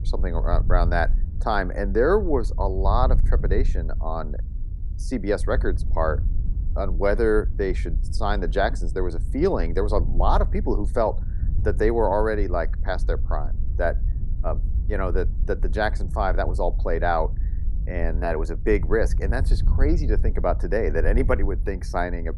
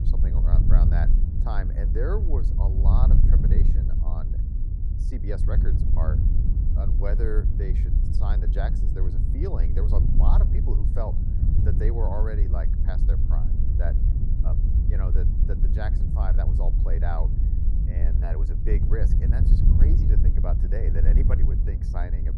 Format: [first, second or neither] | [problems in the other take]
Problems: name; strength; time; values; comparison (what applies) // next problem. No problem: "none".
first | wind noise on the microphone; heavy; 3 dB below the speech; occasional gusts in the first